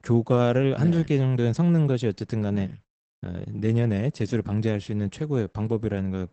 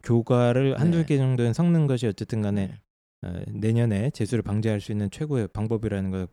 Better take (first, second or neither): second